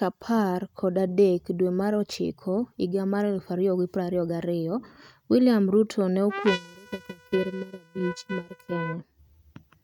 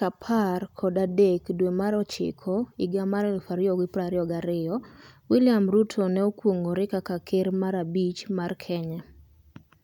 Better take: second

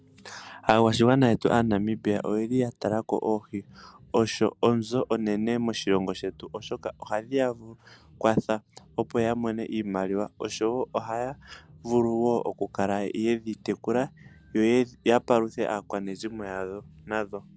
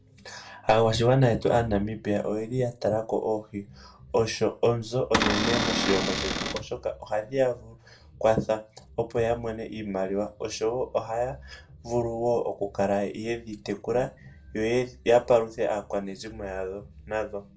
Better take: first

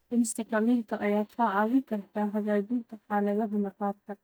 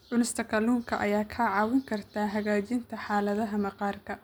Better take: second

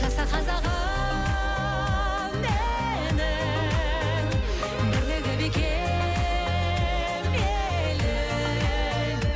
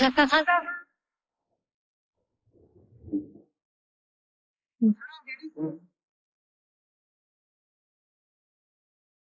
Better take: first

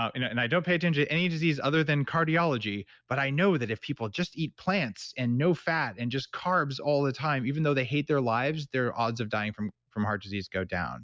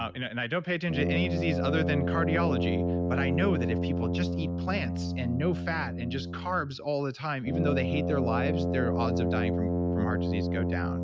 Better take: first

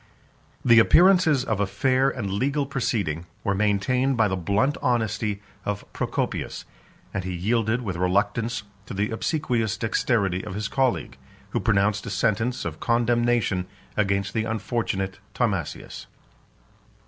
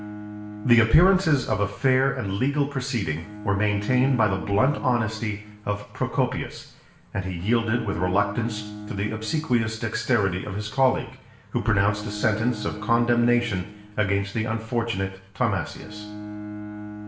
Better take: first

